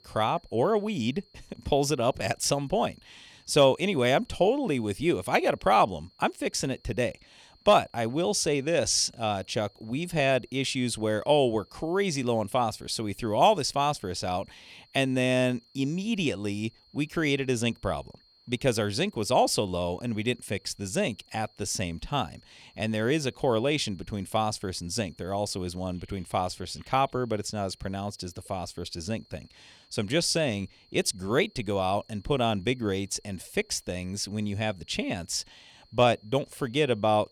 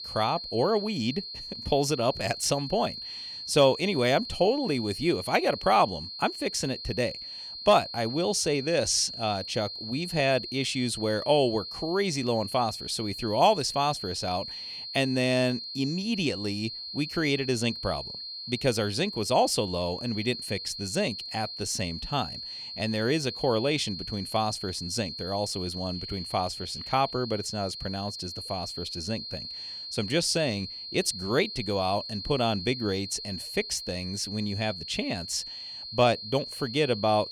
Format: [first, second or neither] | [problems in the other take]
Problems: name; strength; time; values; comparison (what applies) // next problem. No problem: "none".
first | high-pitched whine; loud; throughout; 4 kHz, 8 dB below the speech; faint in the first